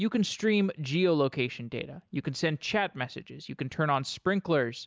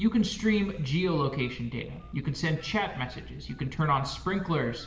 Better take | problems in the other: first | background sound (Telephone); 17 dB below the speech // room echo; dies away in 1.5 s

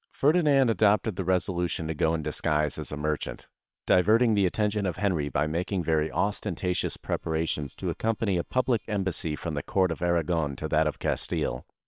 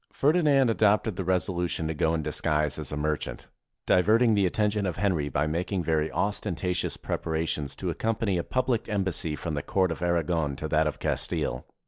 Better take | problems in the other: second | noise reduction (neural separator model SepFormer WHAM!)

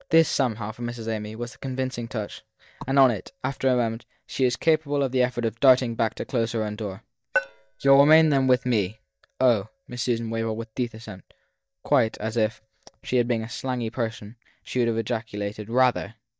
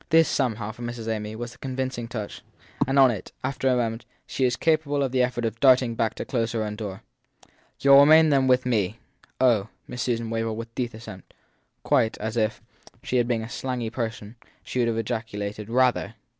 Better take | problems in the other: second | noise reduction (neural mask model DeepFilterNet 3)

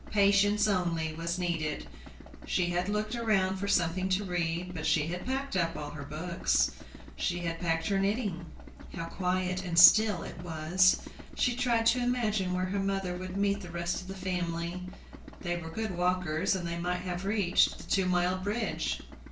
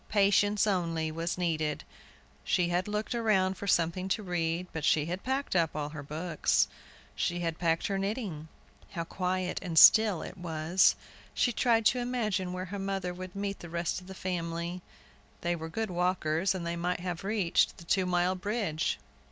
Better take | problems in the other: second | background sound (Idling); 18 dB below the speech // room echo; dies away in 0.3 s

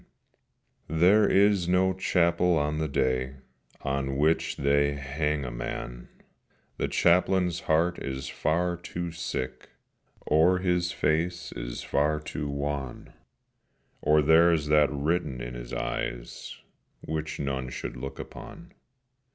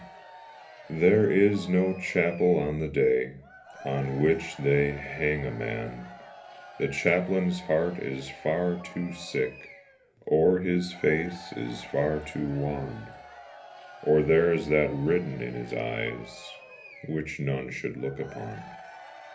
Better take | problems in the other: first | background sound (Crowd / Cheering); 19 dB below the speech // room echo; dies away in 0.3 s

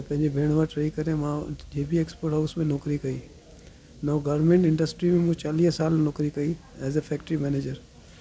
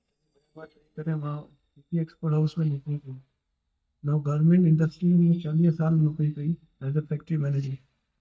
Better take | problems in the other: first | noise reduction (neural mask model DeepFilterNet 3)

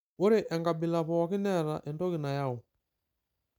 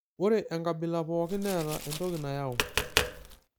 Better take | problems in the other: first | background sound (Tap); 3 dB below the speech

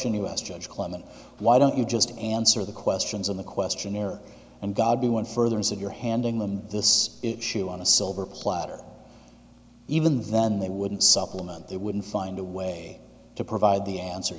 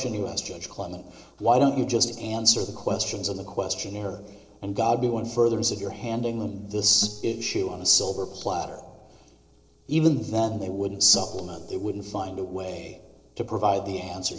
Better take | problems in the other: first | noise reduction (neural separator model SepFormer DNS4)

